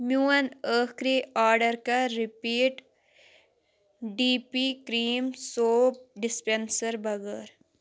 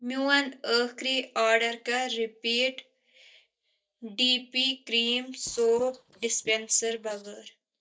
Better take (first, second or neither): first